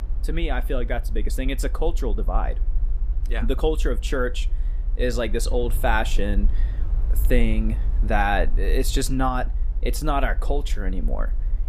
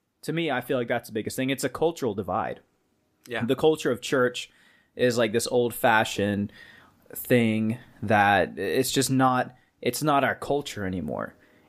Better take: second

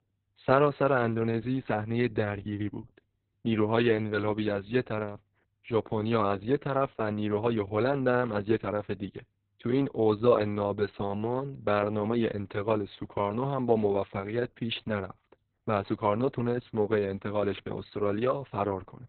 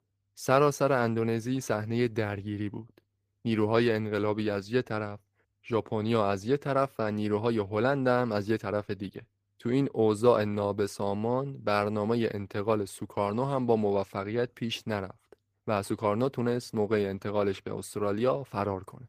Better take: second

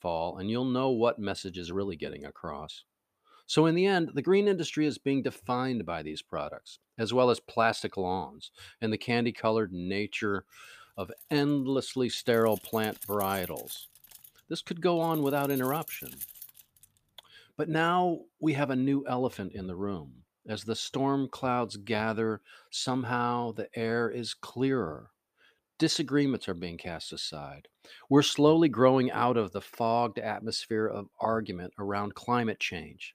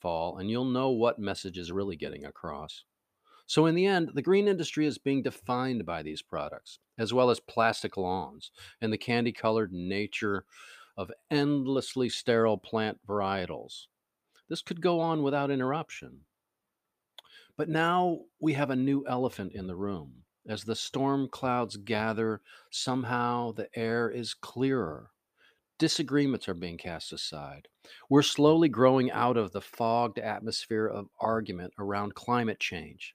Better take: second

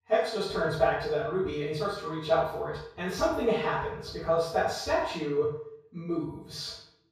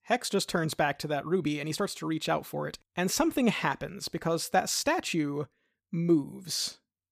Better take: second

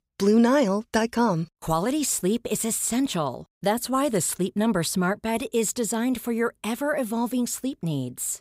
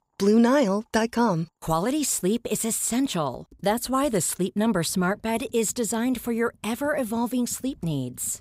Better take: first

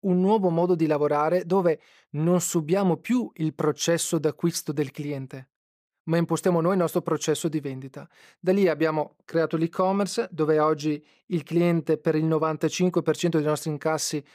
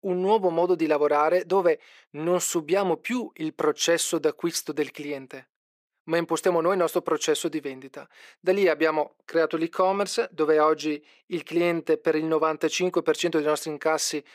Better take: first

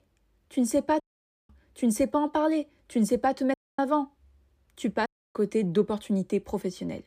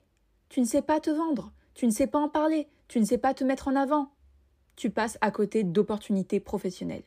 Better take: second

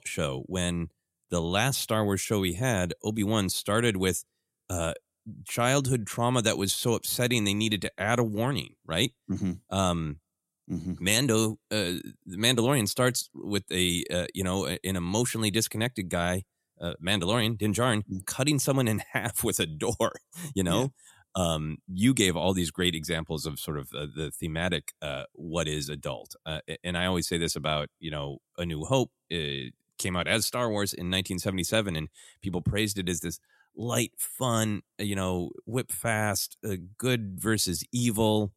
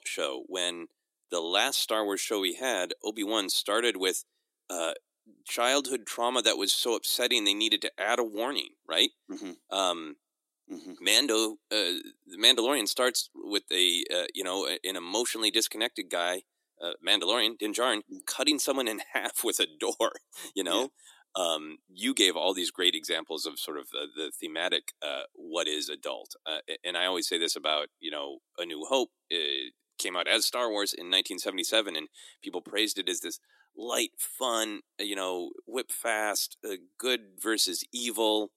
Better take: first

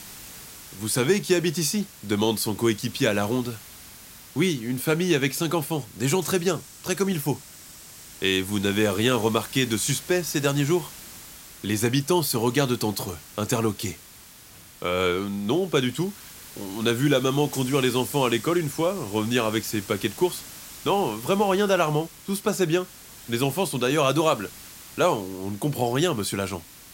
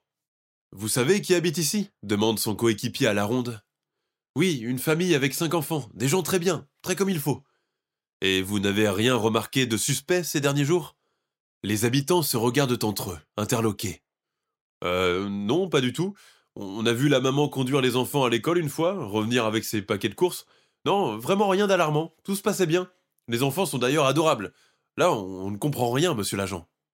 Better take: second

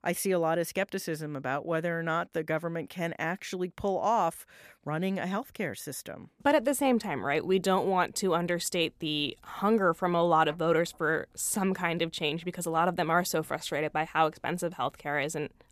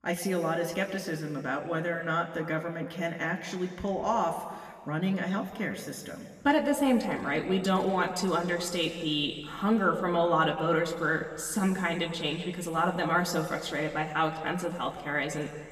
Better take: first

